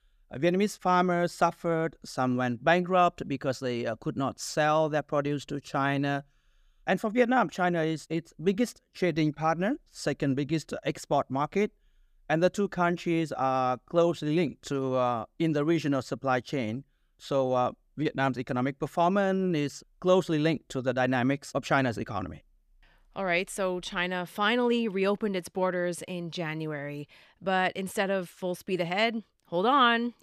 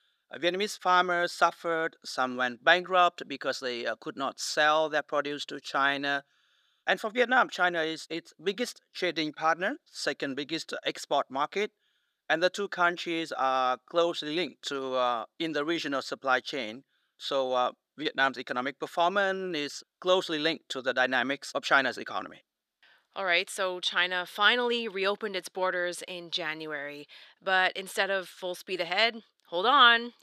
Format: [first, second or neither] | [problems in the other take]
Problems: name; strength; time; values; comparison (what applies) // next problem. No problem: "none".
first | thin; somewhat; fading below 350 Hz